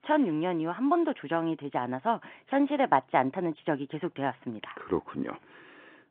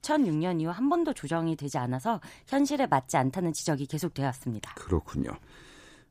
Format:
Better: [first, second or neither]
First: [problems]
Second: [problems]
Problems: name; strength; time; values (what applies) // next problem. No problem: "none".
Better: second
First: phone-call audio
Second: none